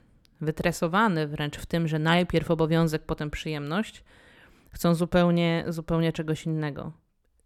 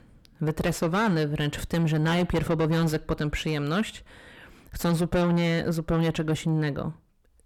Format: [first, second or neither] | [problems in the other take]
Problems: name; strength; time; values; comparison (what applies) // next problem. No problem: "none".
first | distortion; heavy; 7 dB below the speech